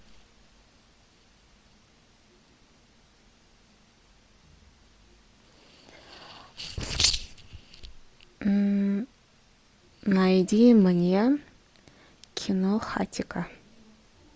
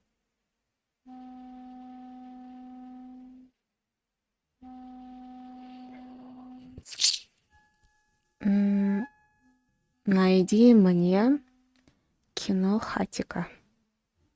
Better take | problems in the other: first | noise reduction (neural mask model RNNoise)

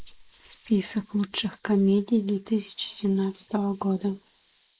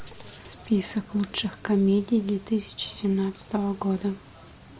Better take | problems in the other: second | noise reduction (neural mask model Resemble Enhance denoiser)

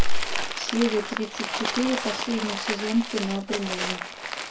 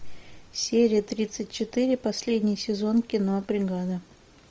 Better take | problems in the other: second | background sound (Crumpling, crinkling); 7 dB below the speech // room echo; dies away in 0.2 s

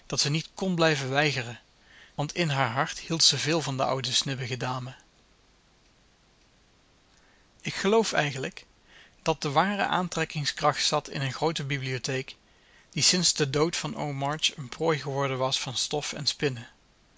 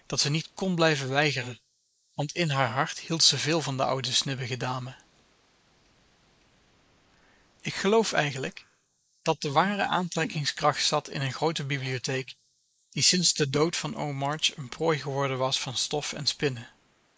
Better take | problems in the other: first | noise reduction (neural mask model Resemble Enhance denoiser)

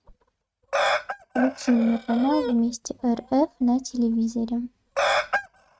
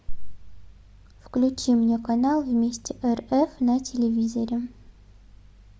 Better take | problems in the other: second | noise reduction (neural mask model RNNoise)

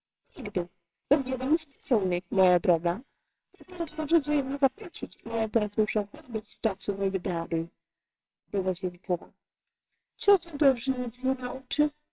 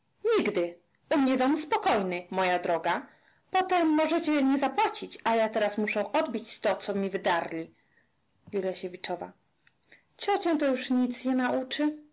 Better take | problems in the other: second | noise reduction (neural separator model SepFormer WHAMR!)

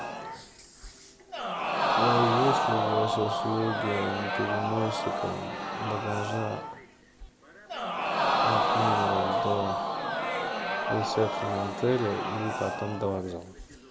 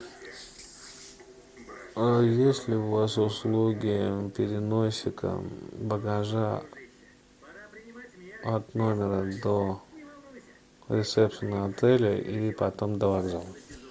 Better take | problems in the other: second | background sound (Crowd); 3 dB above the speech

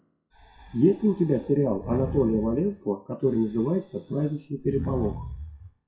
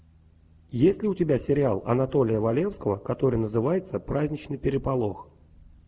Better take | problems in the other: second | noise reduction (classical method WPE with log-MMSE)

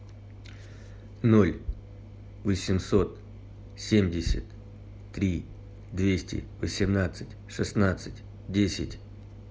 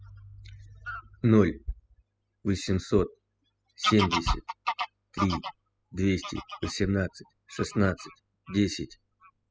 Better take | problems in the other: first | noise reduction (classical method spectral subtraction)

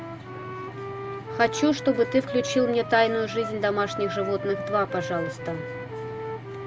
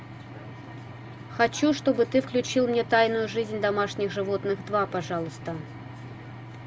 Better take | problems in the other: second | background sound (Wind instrument, woodwind instrument); 9 dB below the speech

